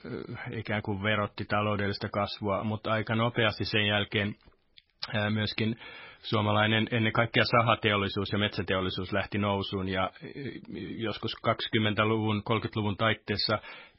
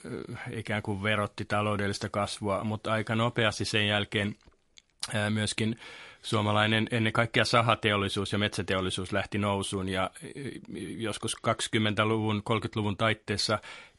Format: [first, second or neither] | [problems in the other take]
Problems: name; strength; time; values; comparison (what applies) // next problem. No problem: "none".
second | garbled, watery; badly; nothing above 5 kHz; slightly in the second